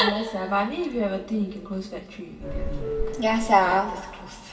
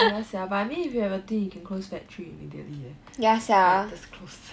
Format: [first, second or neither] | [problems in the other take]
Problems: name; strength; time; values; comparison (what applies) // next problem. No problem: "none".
second | background sound (Subway, metro, underground / Doorbell); 3 dB below the speech // room echo; dies away in 2 s